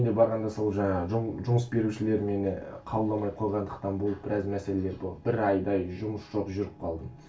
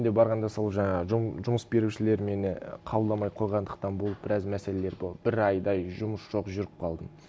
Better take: second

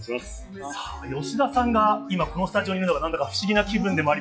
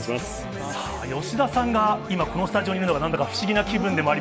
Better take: second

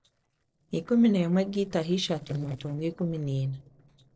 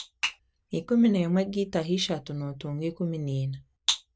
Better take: second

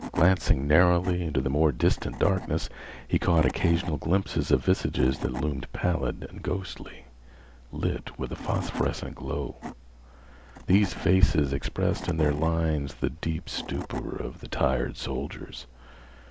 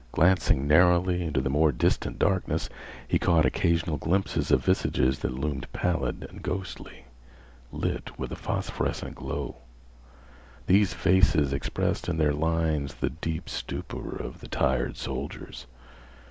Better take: second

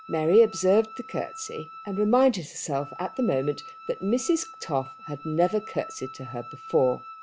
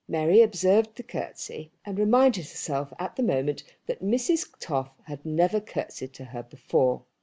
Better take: second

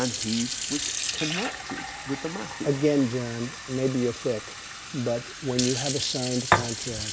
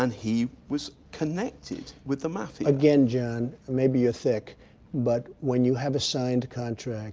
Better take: second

